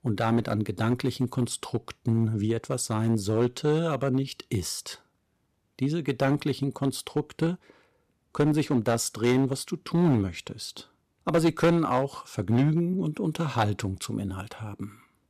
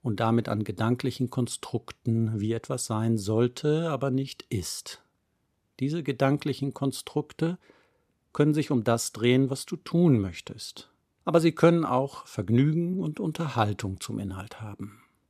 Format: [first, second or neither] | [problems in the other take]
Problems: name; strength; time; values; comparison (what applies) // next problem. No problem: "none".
second | distortion; slight; 3% of the sound clipped